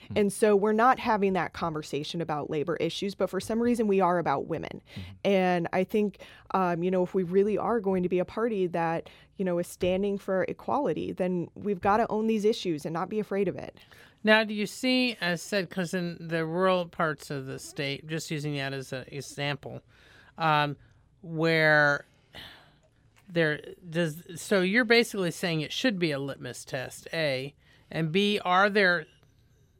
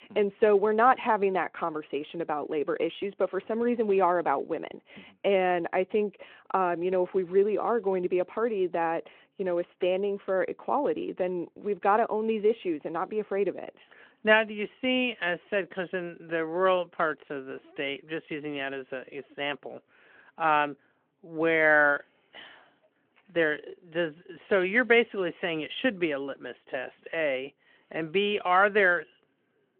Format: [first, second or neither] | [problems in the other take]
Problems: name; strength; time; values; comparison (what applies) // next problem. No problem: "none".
first | phone-call audio